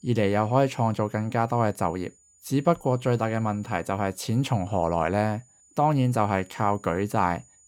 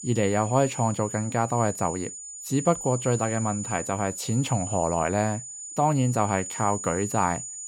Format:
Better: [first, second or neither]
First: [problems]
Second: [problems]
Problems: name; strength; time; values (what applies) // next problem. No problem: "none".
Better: first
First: high-pitched whine; faint; throughout; 7 kHz, 30 dB below the speech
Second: high-pitched whine; loud; throughout; 7 kHz, 8 dB below the speech